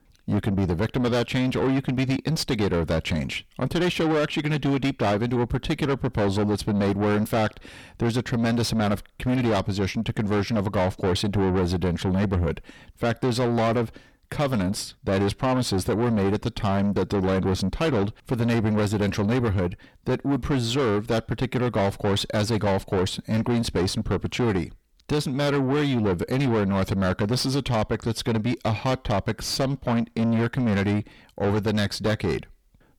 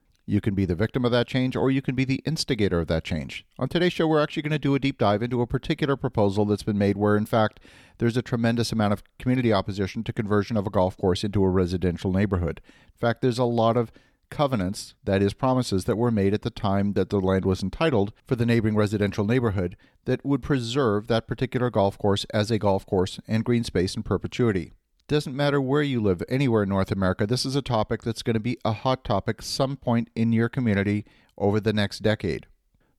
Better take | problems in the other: second | distortion; heavy; 8 dB below the speech

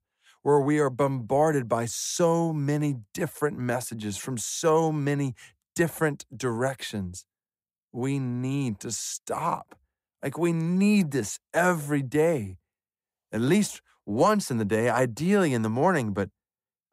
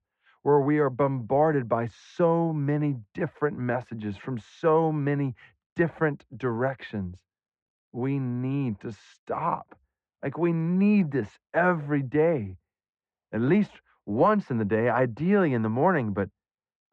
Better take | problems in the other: first | muffled; very; fading above 2.5 kHz

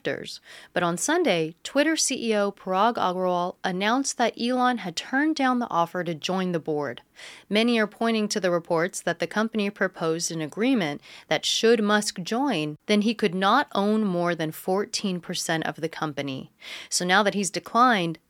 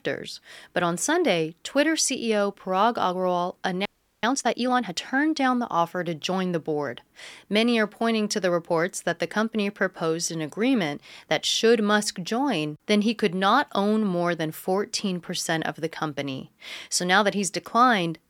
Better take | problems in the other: first | audio freezing; at 4 s

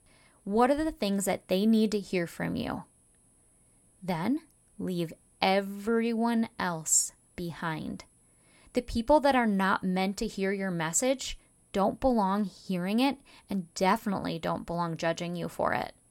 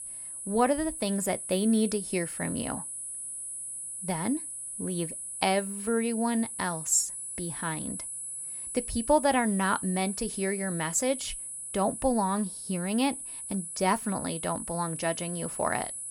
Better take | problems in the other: first | high-pitched whine; loud; throughout; 10.5 kHz, 6 dB below the speech; faint in the first

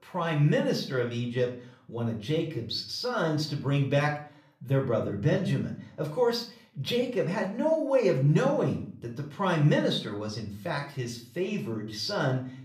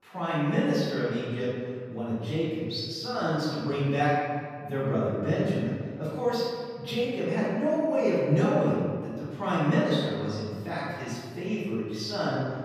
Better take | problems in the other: first | room echo; strong; dies away in 1.7 s; slight in the first // off-mic speech; far; somewhat distant in the first

